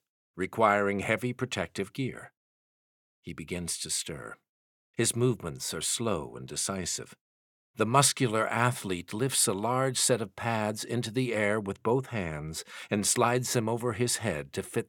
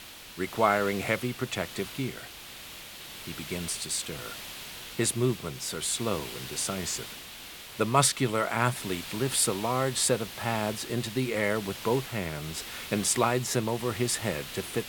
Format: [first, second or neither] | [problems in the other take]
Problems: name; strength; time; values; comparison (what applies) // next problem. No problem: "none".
first | hiss; noticeable; throughout; 10 dB below the speech